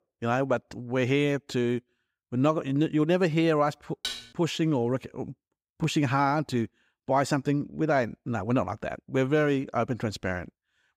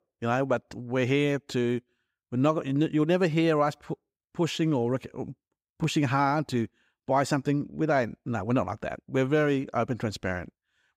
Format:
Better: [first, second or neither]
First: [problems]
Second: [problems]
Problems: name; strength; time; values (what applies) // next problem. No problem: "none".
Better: second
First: clattering dishes; noticeable; at 4 s; peak 7 dB below the speech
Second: none